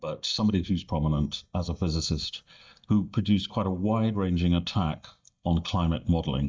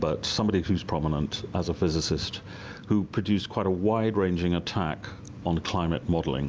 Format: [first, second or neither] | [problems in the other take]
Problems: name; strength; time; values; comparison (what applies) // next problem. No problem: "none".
second | noise reduction (neural mask model DeepFilterNet 3)